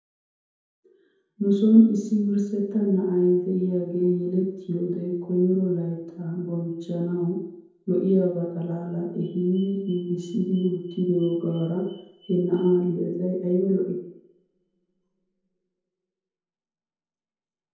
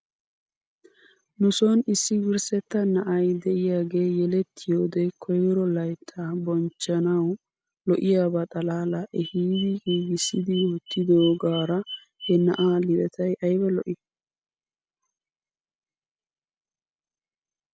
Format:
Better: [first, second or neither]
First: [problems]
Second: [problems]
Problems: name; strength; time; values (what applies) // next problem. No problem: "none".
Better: second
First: room echo; dies away in 0.9 s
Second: none